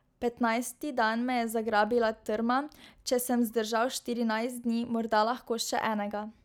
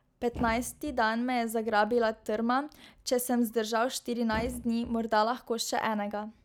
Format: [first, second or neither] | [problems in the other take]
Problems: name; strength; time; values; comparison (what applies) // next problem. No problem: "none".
first | background sound (Thump, thud); 13 dB below the speech